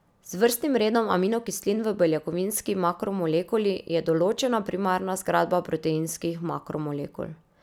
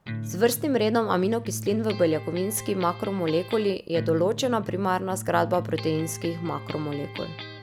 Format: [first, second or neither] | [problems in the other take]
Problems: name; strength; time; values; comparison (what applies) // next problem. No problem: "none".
first | background sound (Electric guitar); 10 dB below the speech